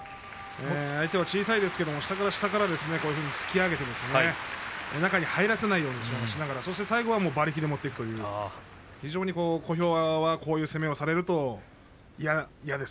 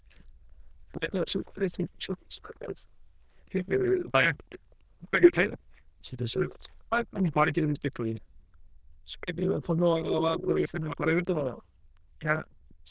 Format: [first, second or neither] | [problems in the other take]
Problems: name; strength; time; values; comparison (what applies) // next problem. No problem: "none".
first | noise reduction (neural diffusion model UNIVERSE++)